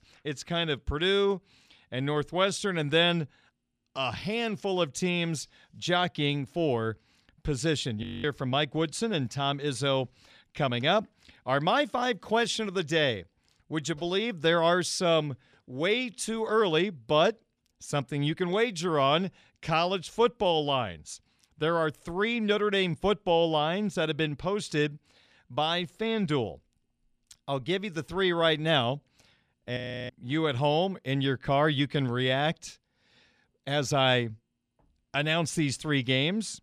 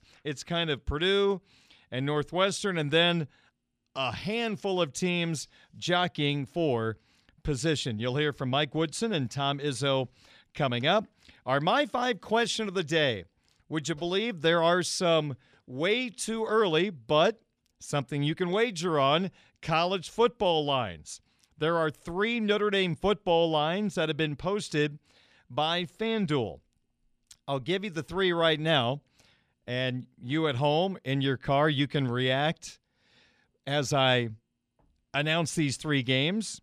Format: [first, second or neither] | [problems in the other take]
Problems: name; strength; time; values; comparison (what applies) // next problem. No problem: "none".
second | audio freezing; at 8 s and at 30 s